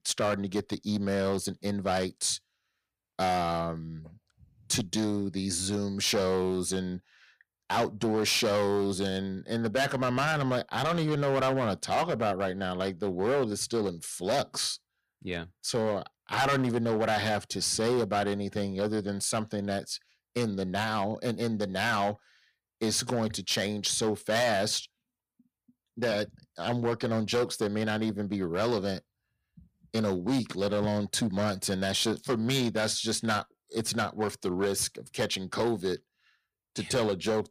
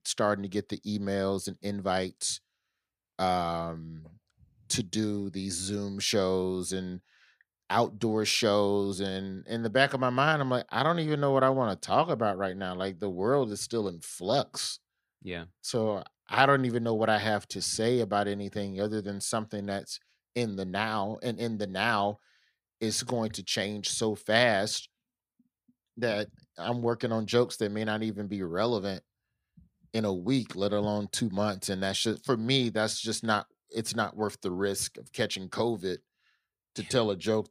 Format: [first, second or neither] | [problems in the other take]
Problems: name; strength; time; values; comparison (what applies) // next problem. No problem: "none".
second | distortion; heavy; 8% of the sound clipped